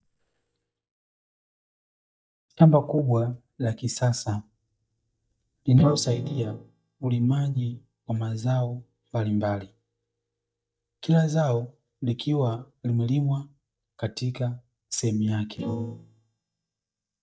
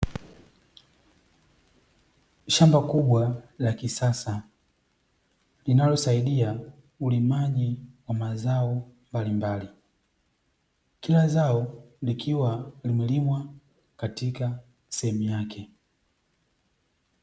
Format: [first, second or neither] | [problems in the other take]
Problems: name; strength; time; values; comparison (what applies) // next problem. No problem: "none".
second | noise reduction (neural mask model DeepFilterNet 3)